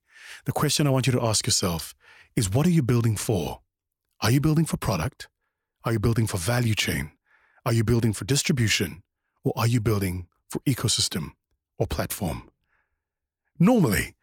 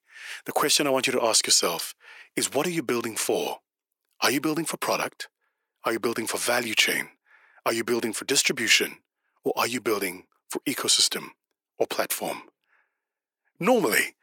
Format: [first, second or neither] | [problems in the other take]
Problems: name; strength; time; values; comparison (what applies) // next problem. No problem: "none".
first | thin; somewhat; fading below 350 Hz